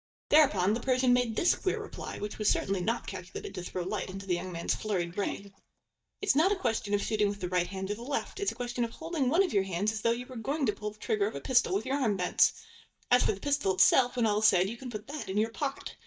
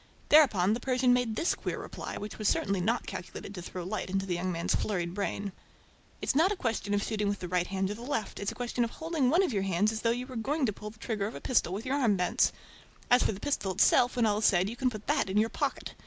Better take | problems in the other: second | noise reduction (neural mask model DeepFilterNet 3)

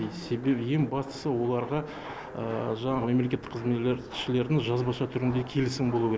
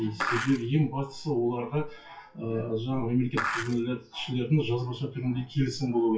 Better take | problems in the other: first | noise reduction (classical method WPE with log-MMSE)

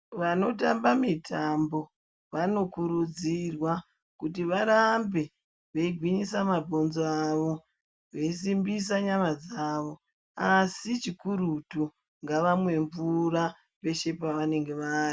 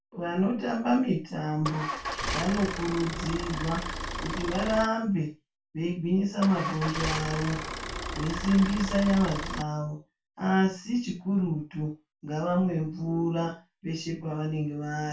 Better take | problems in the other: first | background sound (Idling / Engine starting / Motor vehicle (road)); 5 dB below the speech // room echo; dies away in 0.2 s

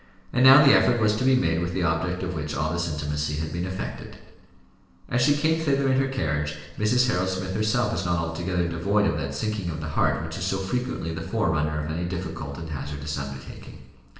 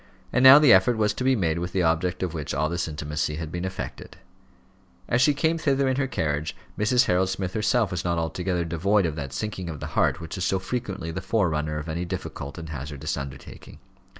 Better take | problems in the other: second | room echo; dies away in 1.1 s

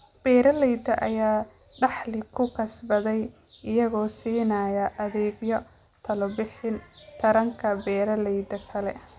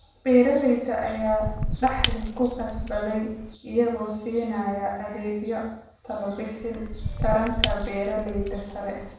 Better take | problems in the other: first | background sound (Shatter / Crushing); 4 dB below the speech // room echo; dies away in 0.7 s

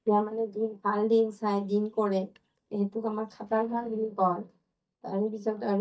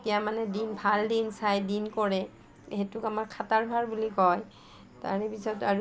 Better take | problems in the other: second | noise reduction (neural mask model DeepFilterNet 3)

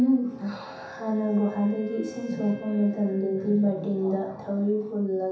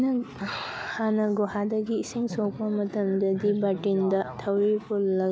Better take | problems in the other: second | background sound (Wind instrument, woodwind instrument); 19 dB below the speech // room echo; dies away in 0.7 s

